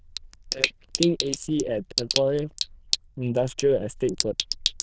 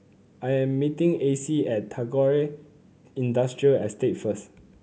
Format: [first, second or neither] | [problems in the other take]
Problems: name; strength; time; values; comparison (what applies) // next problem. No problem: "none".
second | noise reduction (neural diffusion model UNIVERSE++)